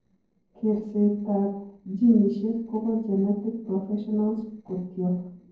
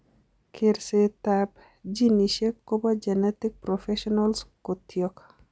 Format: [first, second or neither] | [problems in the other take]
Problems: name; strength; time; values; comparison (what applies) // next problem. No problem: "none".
second | noise reduction (neural separator model SepFormer DNS4)